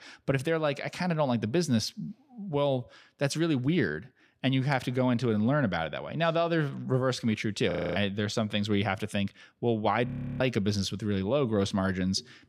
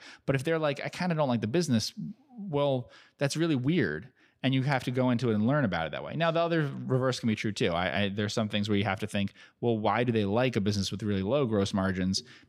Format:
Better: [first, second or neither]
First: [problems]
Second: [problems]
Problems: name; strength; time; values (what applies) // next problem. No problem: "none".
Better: second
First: audio freezing; at 7.5 s and at 10 s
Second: none